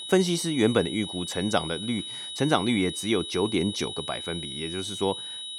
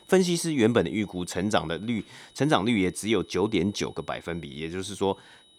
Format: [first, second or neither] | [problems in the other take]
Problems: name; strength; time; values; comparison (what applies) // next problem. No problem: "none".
second | high-pitched whine; loud; throughout; 4 kHz, 7 dB below the speech; faint in the second